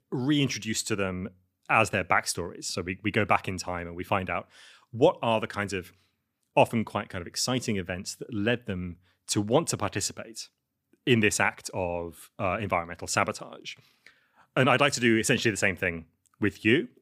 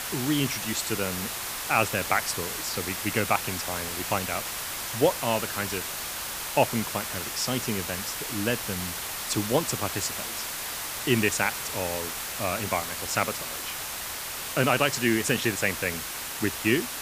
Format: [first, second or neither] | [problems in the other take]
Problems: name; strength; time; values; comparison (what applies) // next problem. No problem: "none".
first | hiss; loud; throughout; 3 dB below the speech